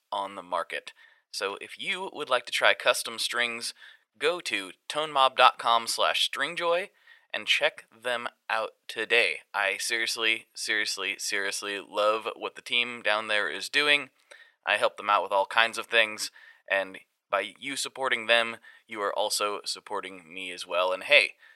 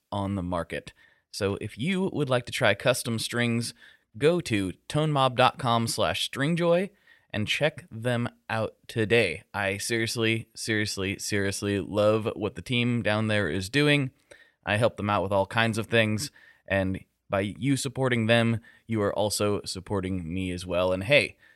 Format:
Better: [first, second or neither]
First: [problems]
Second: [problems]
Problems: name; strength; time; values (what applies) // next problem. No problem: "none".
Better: second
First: thin; very; fading below 650 Hz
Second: none